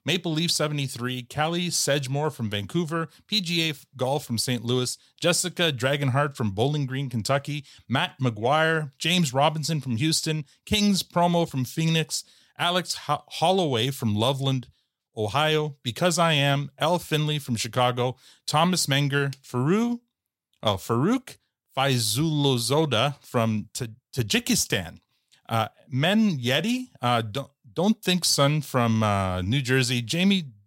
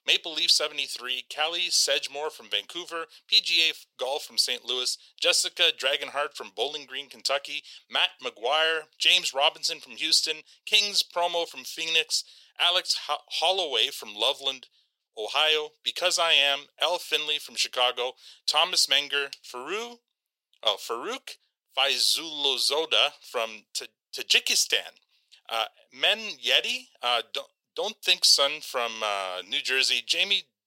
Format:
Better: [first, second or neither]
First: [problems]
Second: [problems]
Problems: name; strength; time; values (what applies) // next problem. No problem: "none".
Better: first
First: none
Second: thin; very; fading below 450 Hz